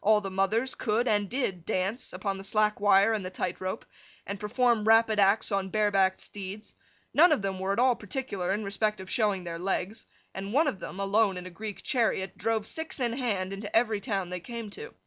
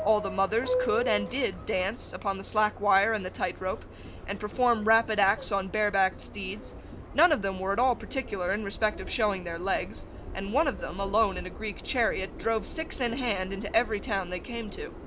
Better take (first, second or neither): first